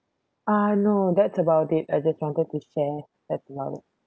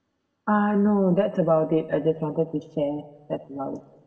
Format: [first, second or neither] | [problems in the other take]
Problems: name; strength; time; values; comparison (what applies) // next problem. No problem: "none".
first | room echo; dies away in 1.6 s